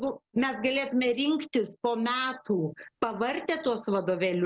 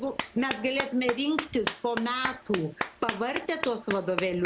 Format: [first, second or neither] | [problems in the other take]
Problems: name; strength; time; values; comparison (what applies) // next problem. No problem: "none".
first | background sound (Clapping); 7 dB below the speech